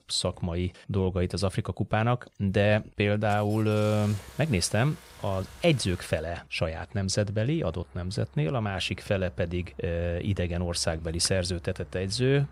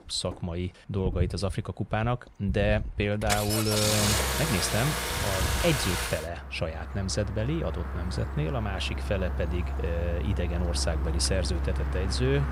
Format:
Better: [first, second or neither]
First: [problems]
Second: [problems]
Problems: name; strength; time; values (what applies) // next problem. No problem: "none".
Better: first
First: traffic noise; faint; throughout; 20 dB below the speech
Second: traffic noise; loud; throughout; as loud as the speech